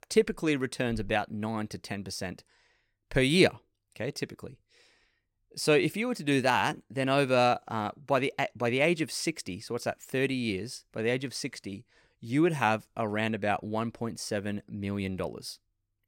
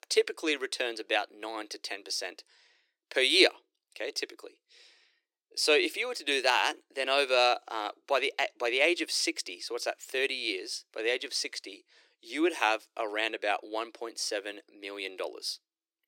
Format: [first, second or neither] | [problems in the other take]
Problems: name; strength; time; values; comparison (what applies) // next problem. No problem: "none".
first | thin; very; fading below 350 Hz